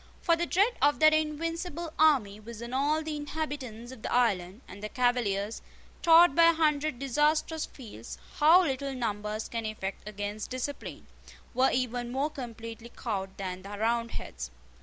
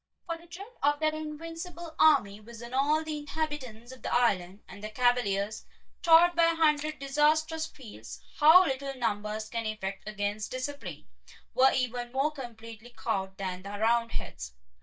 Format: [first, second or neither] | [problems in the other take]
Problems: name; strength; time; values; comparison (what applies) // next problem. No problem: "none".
first | noise reduction (neural mask model DeepFilterNet 3)